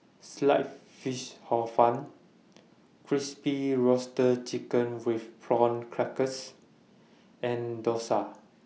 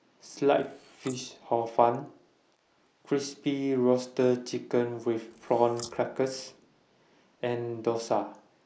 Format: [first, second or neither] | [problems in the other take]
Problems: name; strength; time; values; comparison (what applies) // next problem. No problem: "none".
first | noise reduction (neural mask model Resemble Enhance denoiser)